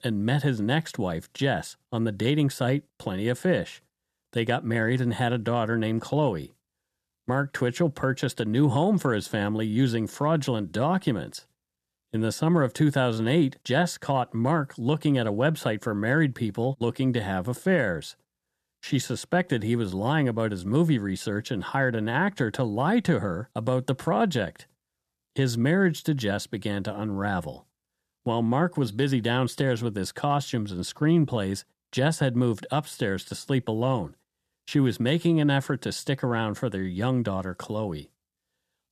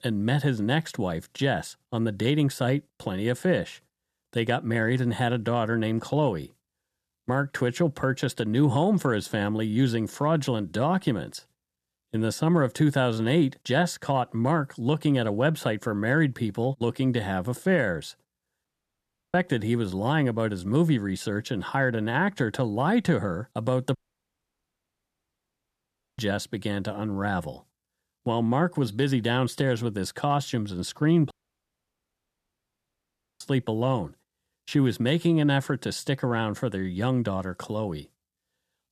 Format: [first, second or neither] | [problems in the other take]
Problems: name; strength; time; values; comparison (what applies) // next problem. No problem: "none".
first | audio cutting out; at 19 s for 0.5 s, at 24 s for 2 s and at 31 s for 2 s